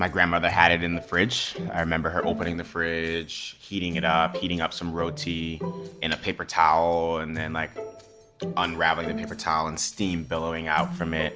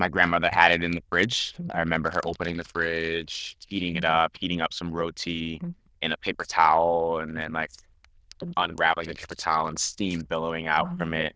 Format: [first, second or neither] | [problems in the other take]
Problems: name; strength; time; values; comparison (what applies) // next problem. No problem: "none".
first | noise reduction (neural diffusion model UNIVERSE++)